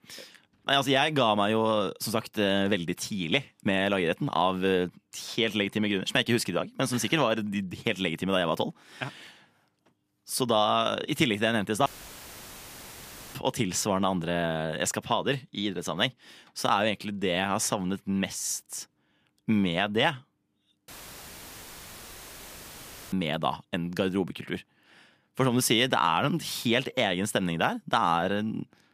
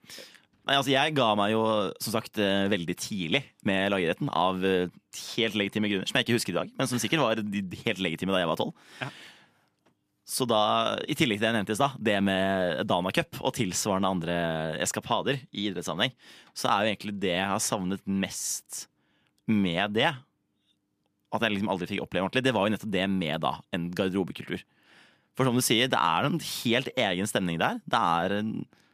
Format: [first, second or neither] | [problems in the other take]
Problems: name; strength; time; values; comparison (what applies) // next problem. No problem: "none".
second | audio cutting out; filled with static; at 12 s for 1.5 s and at 21 s for 2 s